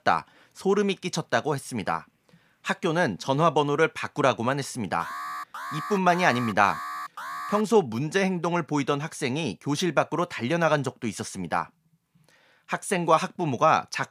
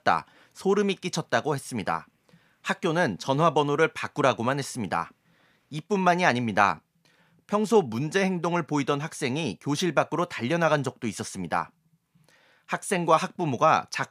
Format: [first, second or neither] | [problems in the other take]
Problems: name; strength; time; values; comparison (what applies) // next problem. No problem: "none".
second | alarm; noticeable; from 5 to 7.5 s; peak 8 dB below the speech